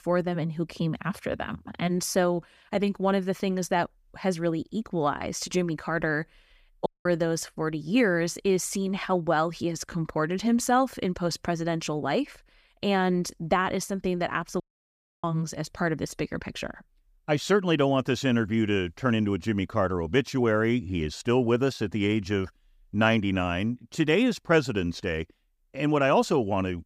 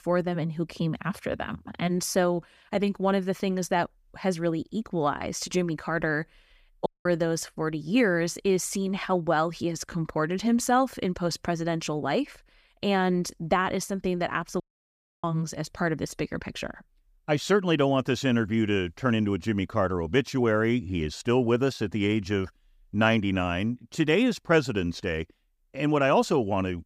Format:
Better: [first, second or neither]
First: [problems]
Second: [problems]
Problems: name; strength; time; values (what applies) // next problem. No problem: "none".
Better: neither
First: audio cutting out; at 7 s and at 15 s for 0.5 s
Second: audio cutting out; at 7 s and at 15 s for 0.5 s